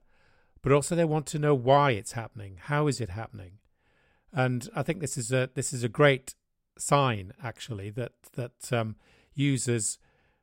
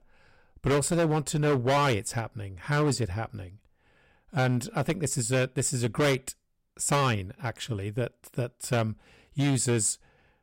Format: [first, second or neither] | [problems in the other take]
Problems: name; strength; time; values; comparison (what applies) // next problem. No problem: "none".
first | distortion; heavy; 9% of the sound clipped